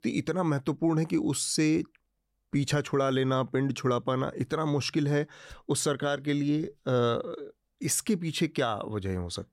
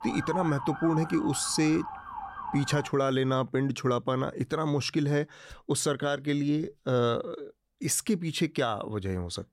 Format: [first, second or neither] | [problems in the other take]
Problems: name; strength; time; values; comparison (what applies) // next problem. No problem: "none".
first | siren; noticeable; until 3 s; peak 7 dB below the speech